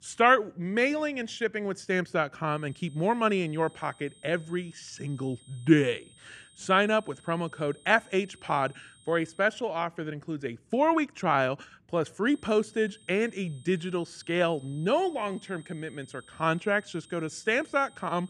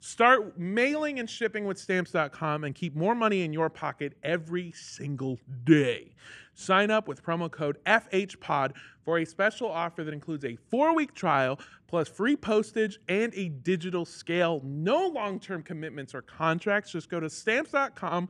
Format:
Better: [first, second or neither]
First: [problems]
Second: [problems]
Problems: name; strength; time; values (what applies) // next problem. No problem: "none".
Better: second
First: high-pitched whine; faint; from 2.5 to 9.5 s and from 12 s on; 8.5 kHz, 25 dB below the speech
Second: none